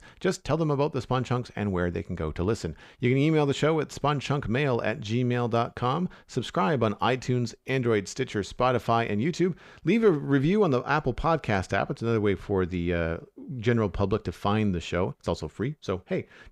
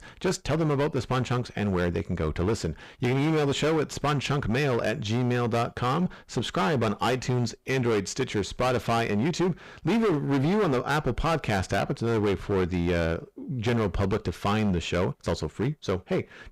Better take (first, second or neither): first